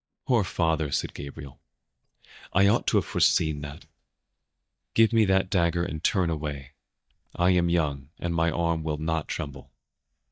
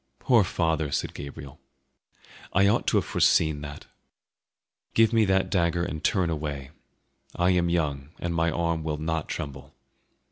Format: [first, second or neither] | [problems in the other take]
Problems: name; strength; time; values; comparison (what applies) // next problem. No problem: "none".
second | noise reduction (neural mask model DeepFilterNet 3)